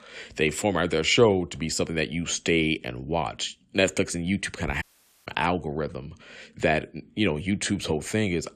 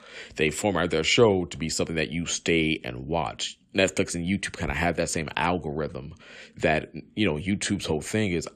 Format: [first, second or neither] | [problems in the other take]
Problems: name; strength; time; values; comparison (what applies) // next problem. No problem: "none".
second | audio cutting out; at 5 s